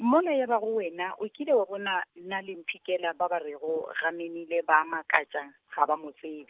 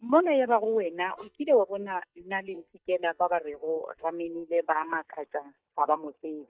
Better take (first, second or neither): first